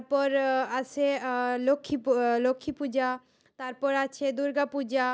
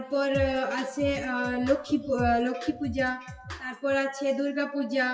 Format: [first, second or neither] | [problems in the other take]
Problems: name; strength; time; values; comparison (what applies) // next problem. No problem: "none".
first | noise reduction (classical method WPE with log-MMSE)